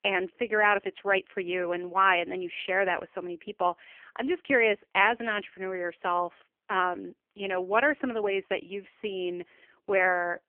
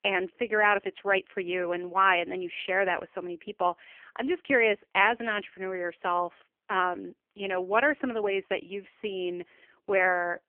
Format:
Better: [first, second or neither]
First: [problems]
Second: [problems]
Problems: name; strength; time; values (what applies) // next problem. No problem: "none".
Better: neither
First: phone-call audio; poor line; nothing above 3 kHz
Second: phone-call audio; poor line; nothing above 3 kHz